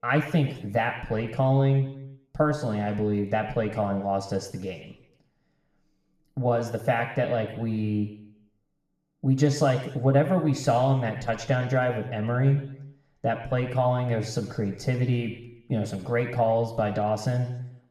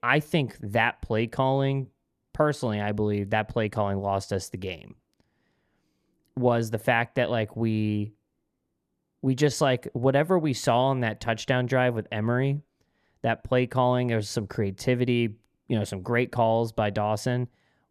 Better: second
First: room echo; noticeable; dies away in 0.8 s // off-mic speech; somewhat distant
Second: none

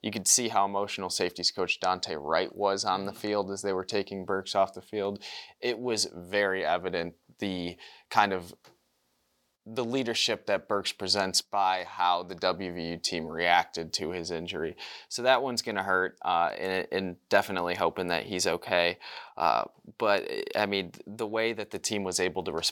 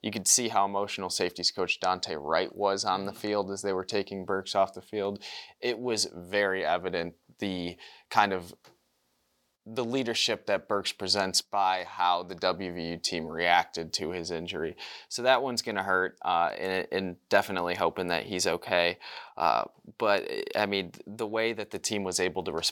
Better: neither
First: thin; somewhat; fading below 600 Hz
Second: thin; somewhat; fading below 600 Hz

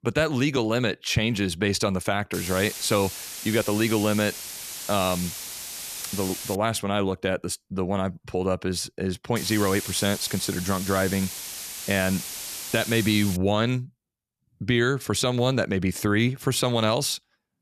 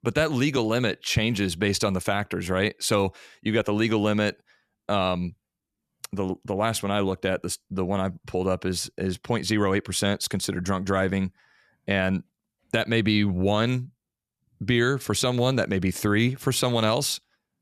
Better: second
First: hiss; loud; from 2.5 to 6.5 s and from 9.5 to 13 s; 8 dB below the speech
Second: none

